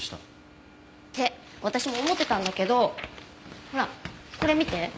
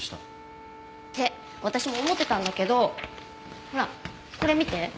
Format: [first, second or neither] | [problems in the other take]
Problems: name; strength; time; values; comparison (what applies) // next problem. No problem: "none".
first | background sound (Wind instrument, woodwind instrument); 19 dB below the speech